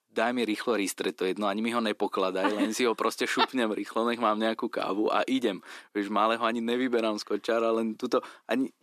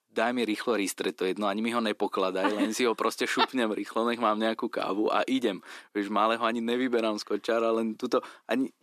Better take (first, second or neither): neither